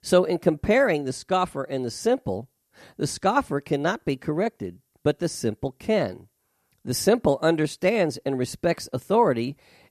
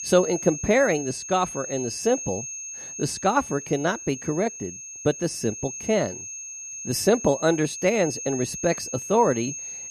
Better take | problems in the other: first | high-pitched whine; loud; throughout; 6.5 kHz, 8 dB below the speech

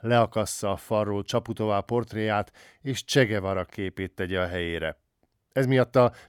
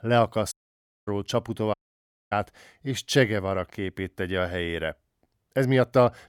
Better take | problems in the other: first | audio cutting out; at 0.5 s for 0.5 s and at 1.5 s for 0.5 s

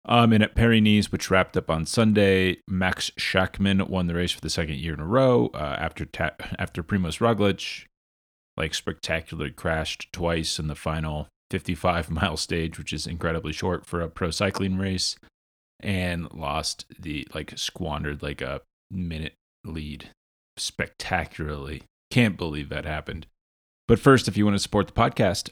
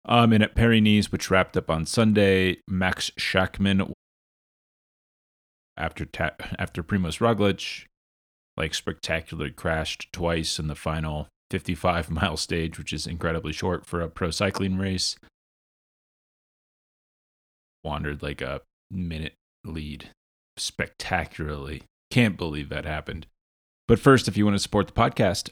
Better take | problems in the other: first | audio cutting out; at 4 s for 2 s and at 16 s for 2.5 s

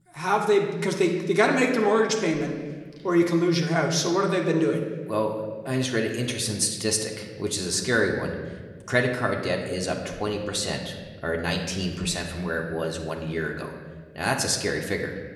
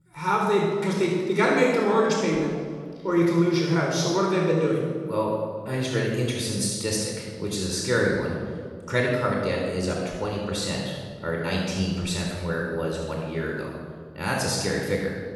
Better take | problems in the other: first | room echo; strong; dies away in 1.6 s; slight in the first // off-mic speech; far; somewhat distant in the first

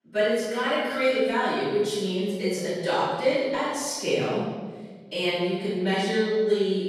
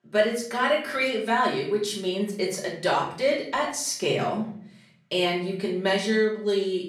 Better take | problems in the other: second | room echo; strong; dies away in 1.4 s; slight in the second // off-mic speech; far; far in the second

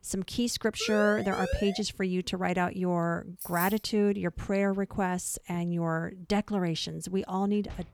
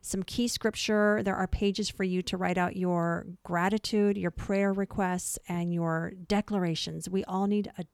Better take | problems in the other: second | siren; noticeable; from 1 to 2 s; peak 6 dB below the speech // jangling keys; noticeable; at 3.5 s; peak 6 dB below the speech // door banging; very faint; at 7.5 s; peak 20 dB below the speech

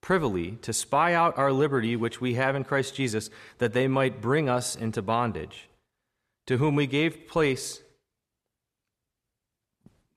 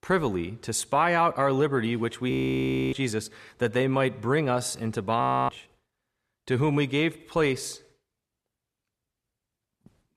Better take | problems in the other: first | audio freezing; at 2.5 s for 0.5 s and at 5 s

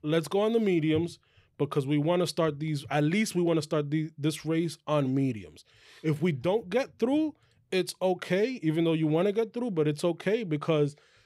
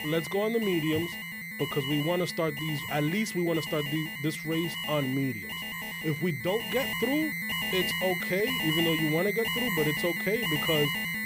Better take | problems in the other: first | alarms or sirens; loud; throughout; 1 dB below the speech

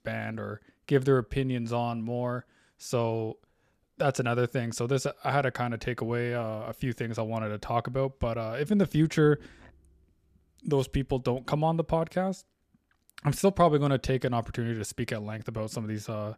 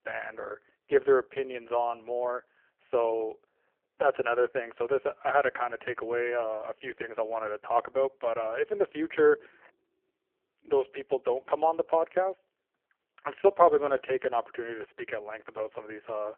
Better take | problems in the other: first | phone-call audio; poor line

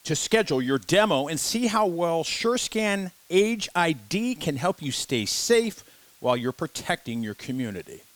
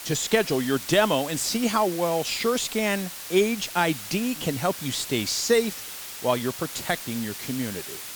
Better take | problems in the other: first | hiss; loud; throughout; 9 dB below the speech; faint in the first

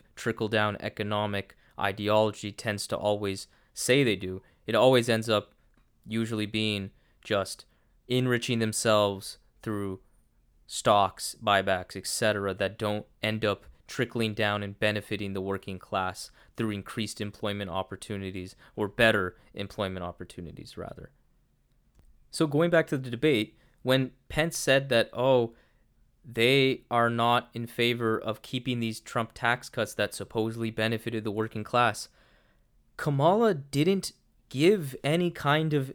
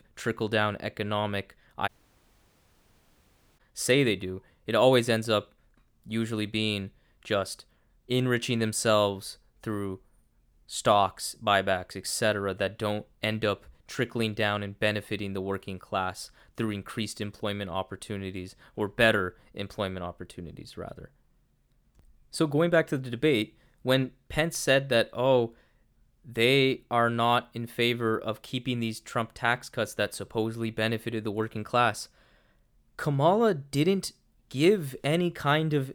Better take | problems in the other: first | audio cutting out; at 2 s for 1.5 s

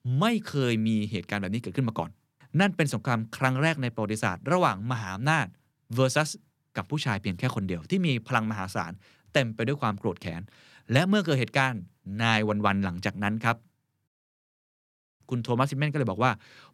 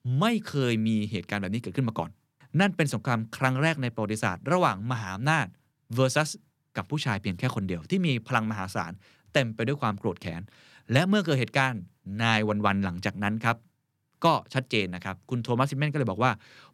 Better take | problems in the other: second | audio cutting out; at 14 s for 1 s

